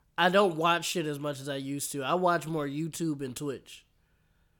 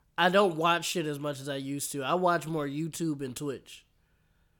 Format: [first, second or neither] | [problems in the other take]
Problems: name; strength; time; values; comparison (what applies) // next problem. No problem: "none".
neither | none